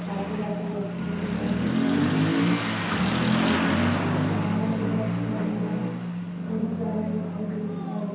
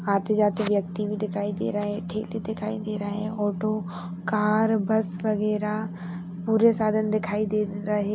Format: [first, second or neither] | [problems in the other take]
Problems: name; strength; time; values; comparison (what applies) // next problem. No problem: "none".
second | background sound (Motorcycle / Accelerating, revving, vroom); 2 dB above the speech // room echo; dies away in 0.8 s